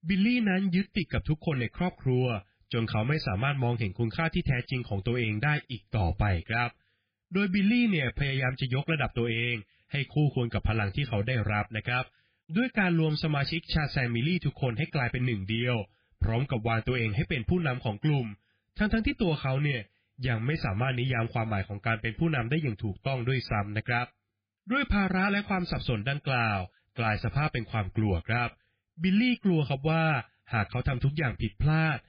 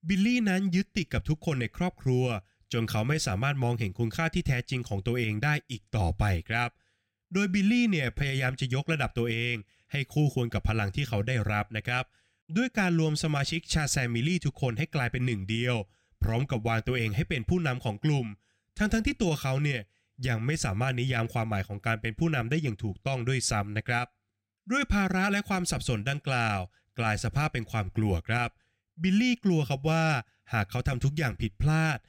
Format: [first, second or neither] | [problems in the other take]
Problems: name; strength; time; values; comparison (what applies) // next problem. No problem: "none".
second | garbled, watery; badly; nothing above 4.5 kHz